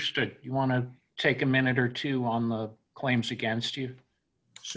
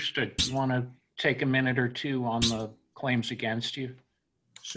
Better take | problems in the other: first | background sound (Thump, thud); 6 dB below the speech

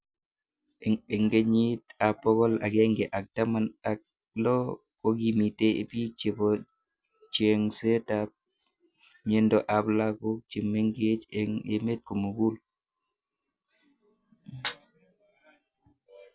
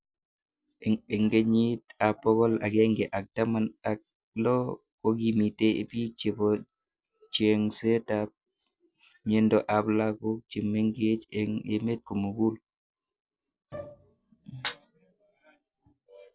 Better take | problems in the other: first | noise reduction (neural separator model SepFormer DNS4)

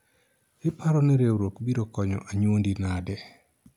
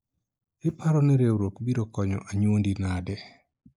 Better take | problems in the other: first | noise reduction (neural mask model Resemble Enhance denoiser)

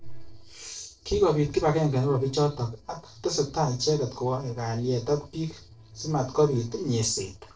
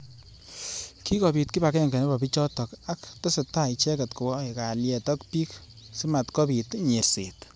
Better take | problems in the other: second | noise reduction (neural separator model SepFormer DNS4)

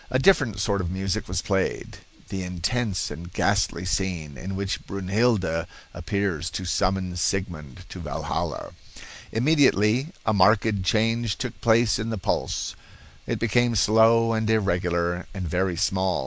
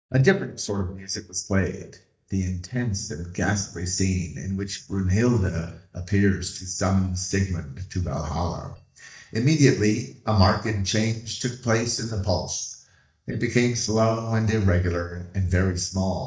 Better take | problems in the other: first | noise reduction (neural mask model DeepFilterNet 3)

